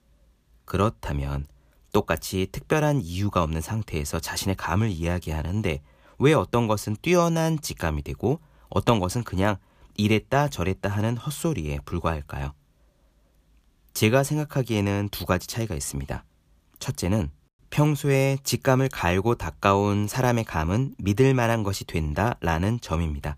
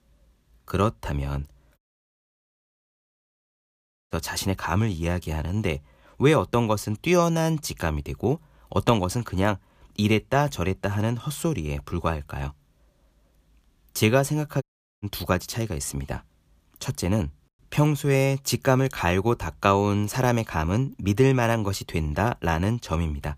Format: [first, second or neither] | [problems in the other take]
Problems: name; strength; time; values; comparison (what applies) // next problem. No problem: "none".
first | audio cutting out; at 2 s for 2.5 s and at 15 s